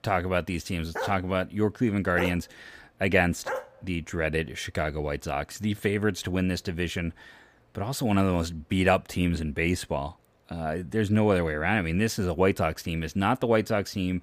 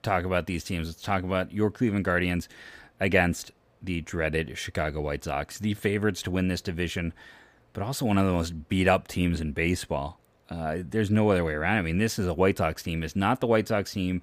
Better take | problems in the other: second | dog barking; noticeable; from 1 to 3.5 s; peak 7 dB below the speech

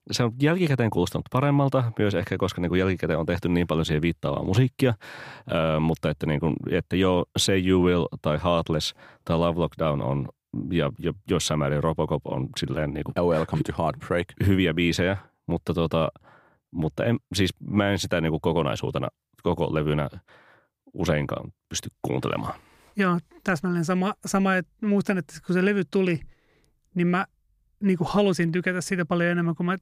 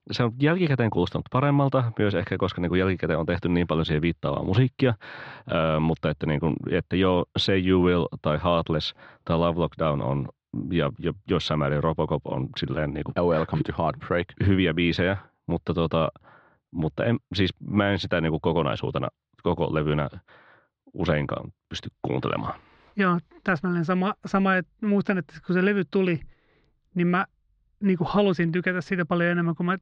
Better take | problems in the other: first | muffled; very slightly; fading above 4 kHz

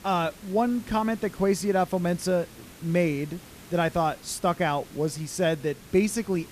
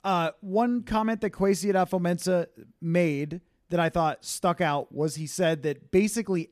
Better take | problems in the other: second | hiss; faint; throughout; 20 dB below the speech

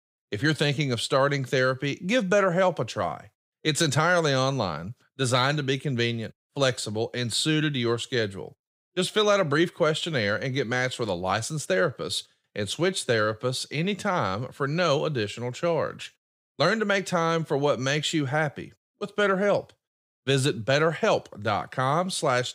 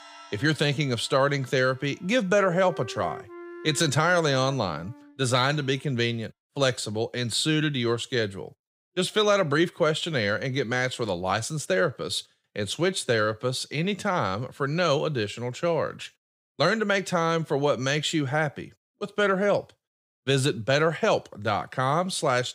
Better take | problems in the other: first | background music; noticeable; until 6 s; 20 dB below the speech

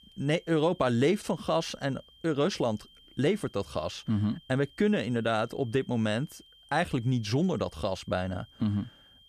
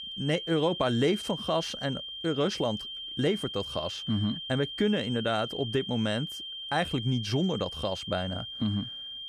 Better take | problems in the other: first | high-pitched whine; loud; throughout; 3 kHz, 6 dB below the speech; faint in the first

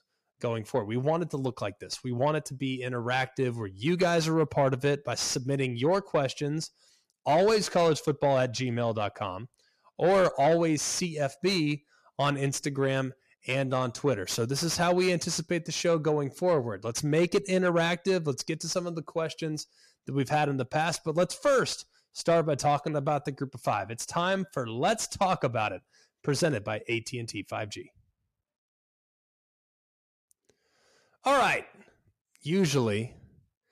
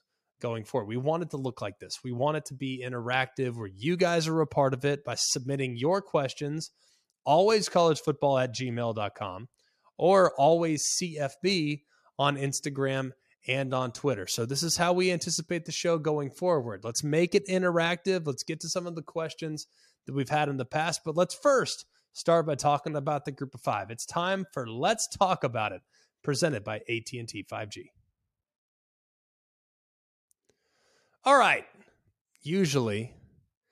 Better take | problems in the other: second | distortion; slight; 10 dB below the speech

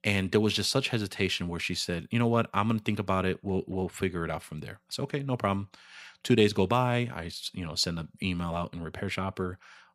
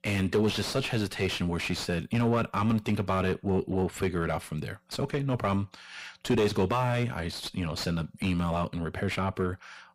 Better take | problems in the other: first | distortion; heavy; 6 dB below the speech

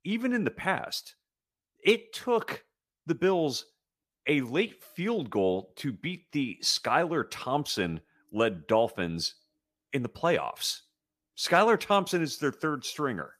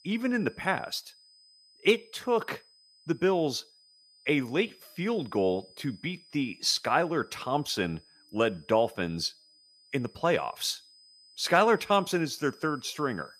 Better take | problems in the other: first | high-pitched whine; faint; throughout; 5 kHz, 25 dB below the speech

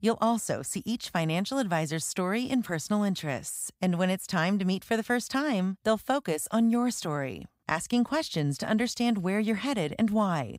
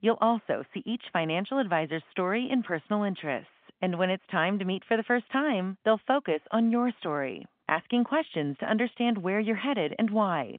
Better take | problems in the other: first | phone-call audio; nothing above 3.5 kHz

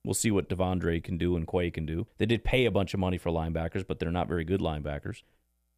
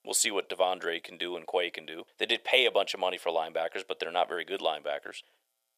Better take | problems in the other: first | thin; very; fading below 500 Hz

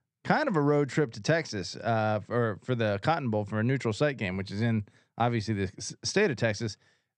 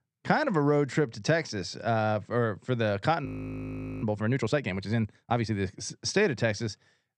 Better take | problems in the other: first | audio freezing; at 3.5 s for 1 s

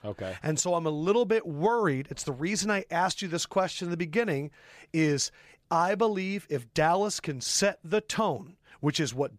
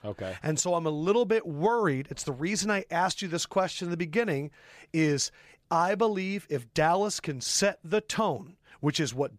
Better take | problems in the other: neither | none

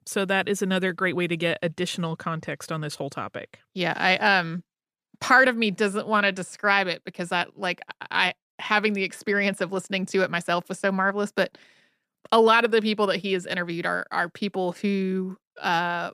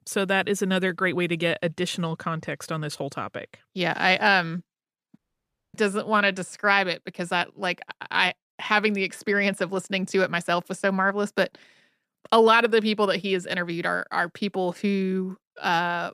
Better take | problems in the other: first | audio cutting out; at 5 s for 0.5 s

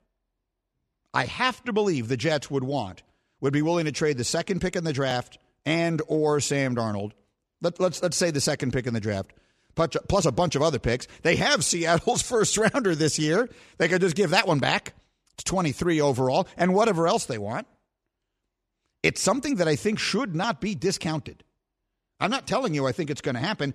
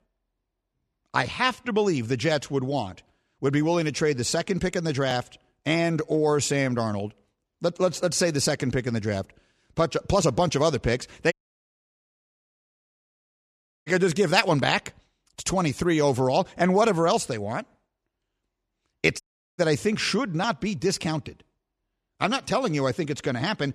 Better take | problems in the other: first | audio cutting out; at 11 s for 2.5 s and at 19 s

